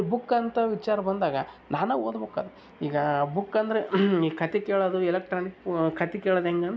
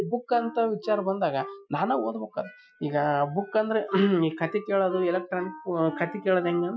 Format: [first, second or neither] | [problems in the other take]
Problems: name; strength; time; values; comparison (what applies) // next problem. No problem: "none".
first | noise reduction (classical method Wiener filter)